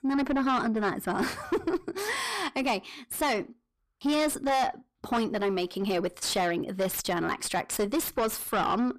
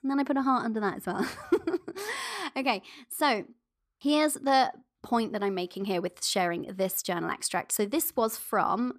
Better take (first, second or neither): second